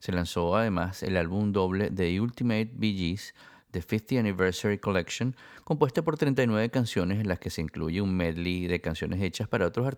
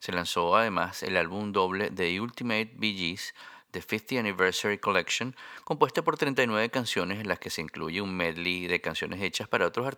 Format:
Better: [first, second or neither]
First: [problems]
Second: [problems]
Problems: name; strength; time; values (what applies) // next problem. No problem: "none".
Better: first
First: none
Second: thin; somewhat; fading below 1 kHz